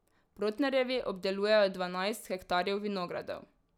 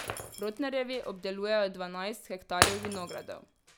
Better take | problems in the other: first | background sound (Shatter); 2 dB below the speech

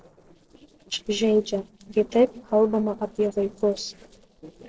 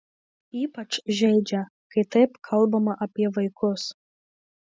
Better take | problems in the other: second | noise reduction (neural separator model SepFormer DNS4)

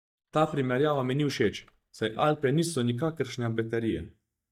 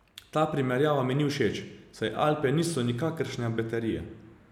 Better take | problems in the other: second | noise reduction (neural mask model DeepFilterNet 3)

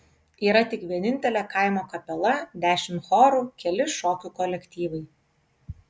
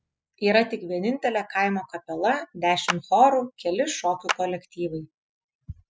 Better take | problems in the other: first | noise reduction (classical method spectral subtraction)

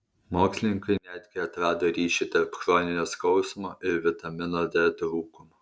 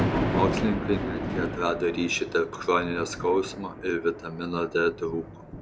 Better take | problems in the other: first | background sound (Thunder); 4 dB below the speech

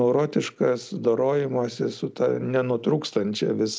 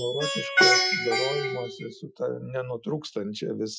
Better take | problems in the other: first | noise reduction (classical method Wiener filter)

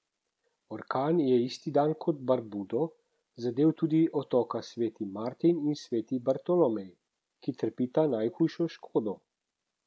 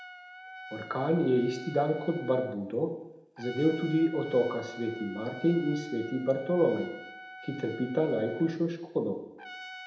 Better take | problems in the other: first | background sound (Trumpet); 16 dB below the speech // room echo; dies away in 0.7 s

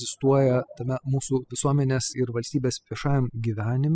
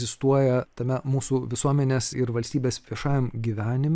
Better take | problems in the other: second | noise reduction (classical method spectral subtraction)

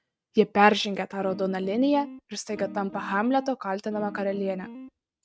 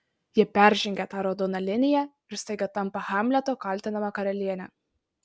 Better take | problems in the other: second | noise reduction (neural mask model RNNoise)

